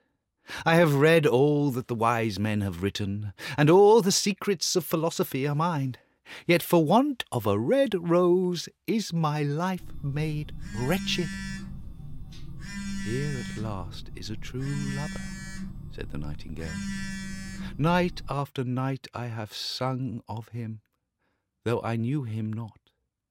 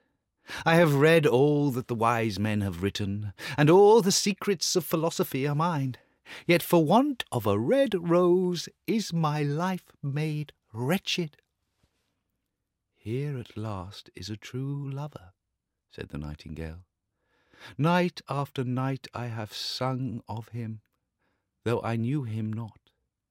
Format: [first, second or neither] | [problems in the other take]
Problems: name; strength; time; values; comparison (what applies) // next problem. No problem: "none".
second | phone ringing; noticeable; from 10 to 18 s; peak 8 dB below the speech